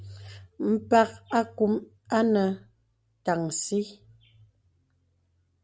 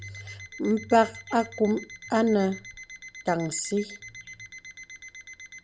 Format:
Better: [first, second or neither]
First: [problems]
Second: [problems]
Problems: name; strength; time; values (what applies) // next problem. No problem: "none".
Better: first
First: none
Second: background sound (Alarm); 16 dB below the speech